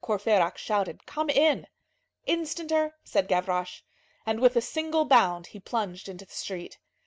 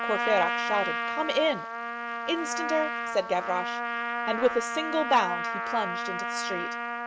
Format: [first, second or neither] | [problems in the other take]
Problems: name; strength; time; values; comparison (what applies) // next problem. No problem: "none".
first | background sound (Trumpet); 2 dB below the speech